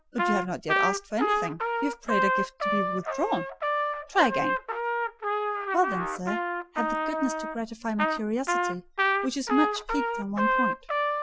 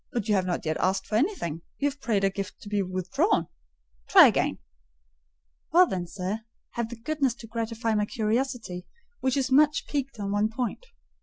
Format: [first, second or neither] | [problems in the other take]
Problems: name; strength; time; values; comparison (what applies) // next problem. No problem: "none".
second | background sound (Trumpet); 2 dB above the speech